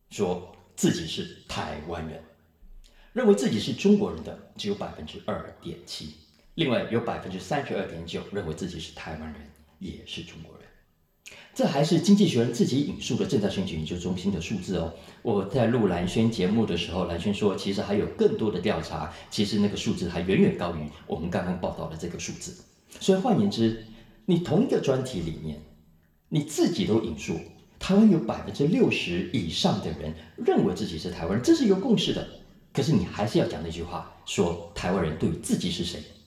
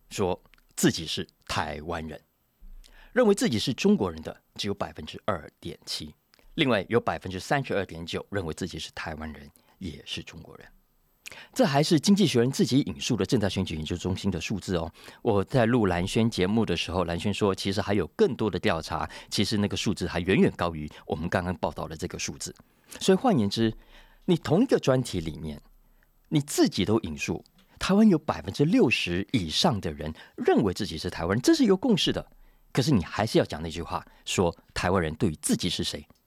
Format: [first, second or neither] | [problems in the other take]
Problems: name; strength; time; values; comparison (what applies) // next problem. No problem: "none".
second | room echo; slight; dies away in 0.7 s